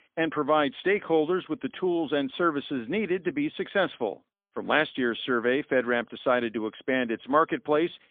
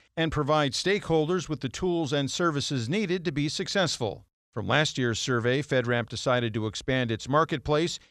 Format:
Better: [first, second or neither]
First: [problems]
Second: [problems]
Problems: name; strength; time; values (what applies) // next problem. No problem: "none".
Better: second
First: phone-call audio; poor line; nothing above 3.5 kHz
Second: none